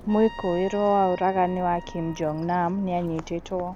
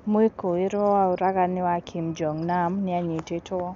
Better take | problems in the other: second | background sound (Trumpet + Engine); 17 dB below the speech

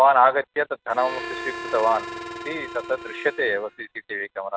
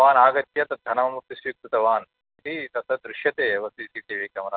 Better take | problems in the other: second | background sound (Harmonica); 11 dB below the speech

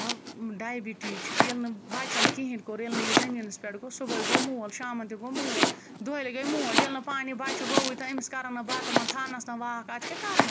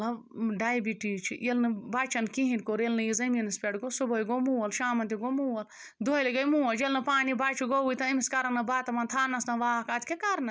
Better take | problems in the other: second | background sound (Domestic sounds, home sounds); 3 dB above the speech

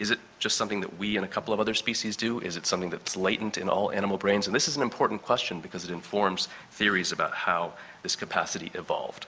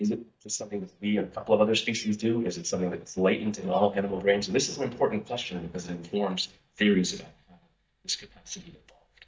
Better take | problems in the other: first | noise reduction (neural mask model DeepFilterNet 3)

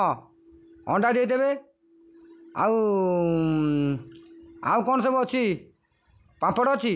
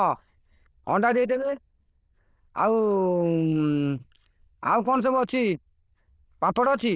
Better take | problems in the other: first | noise reduction (neural diffusion model UNIVERSE++)

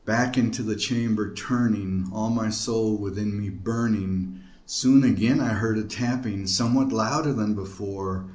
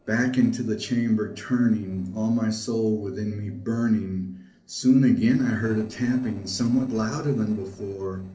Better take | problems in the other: first | noise reduction (neural separator model SepFormer DNS4)

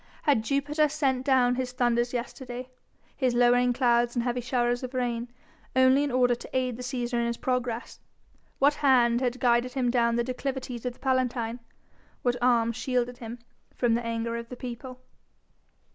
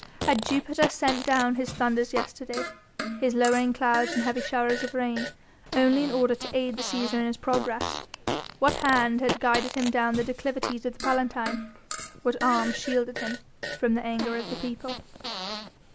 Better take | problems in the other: first | background sound (Fart); 8 dB below the speech

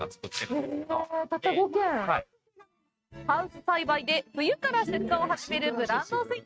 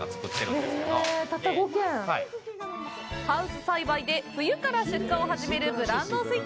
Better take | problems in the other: second | noise reduction (neural mask model RNNoise)

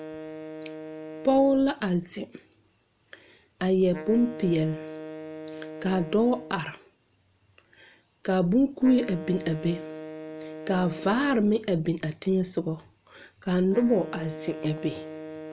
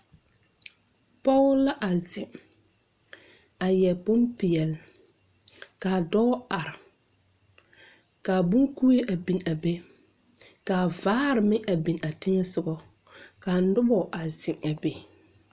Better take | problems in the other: second | background sound (Wind instrument, woodwind instrument); 14 dB below the speech

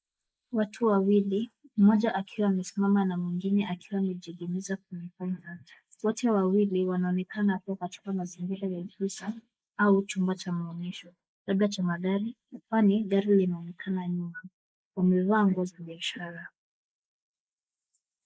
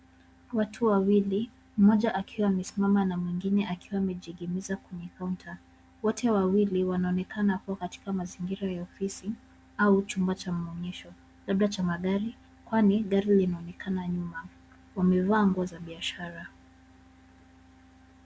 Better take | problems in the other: second | noise reduction (neural mask model Resemble Enhance denoiser)

